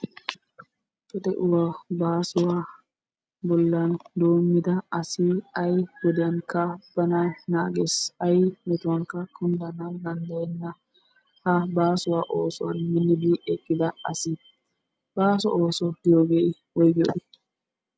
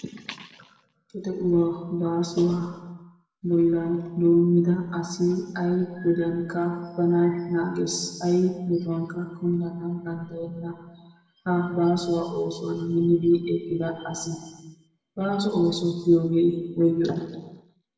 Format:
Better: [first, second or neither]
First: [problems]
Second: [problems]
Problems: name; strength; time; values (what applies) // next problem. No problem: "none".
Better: first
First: none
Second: room echo; dies away in 1.2 s